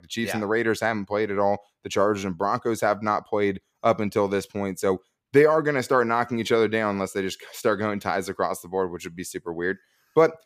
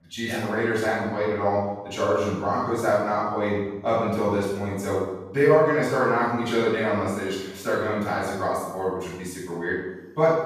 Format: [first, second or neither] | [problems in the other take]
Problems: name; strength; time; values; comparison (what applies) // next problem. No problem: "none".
first | off-mic speech; far // room echo; strong; dies away in 0.9 s